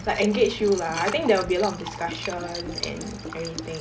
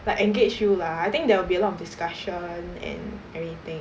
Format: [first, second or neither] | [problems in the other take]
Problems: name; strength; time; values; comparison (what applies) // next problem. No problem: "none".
second | background sound (Liquid); 10 dB below the speech